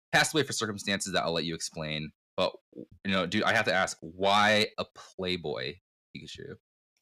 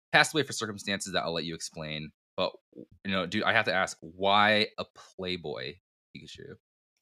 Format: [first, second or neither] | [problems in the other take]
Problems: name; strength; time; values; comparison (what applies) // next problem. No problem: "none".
second | distortion; slight; 10 dB below the speech